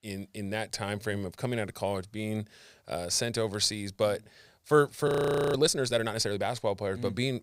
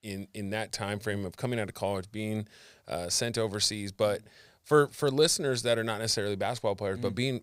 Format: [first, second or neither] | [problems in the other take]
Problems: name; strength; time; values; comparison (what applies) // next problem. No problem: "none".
second | audio freezing; at 5 s